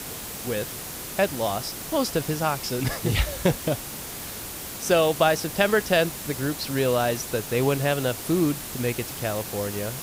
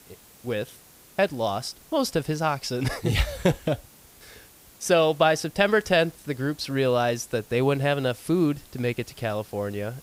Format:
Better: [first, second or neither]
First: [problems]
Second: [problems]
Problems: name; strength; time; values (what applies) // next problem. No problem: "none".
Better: second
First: hiss; loud; throughout; 8 dB below the speech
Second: hiss; faint; throughout; 25 dB below the speech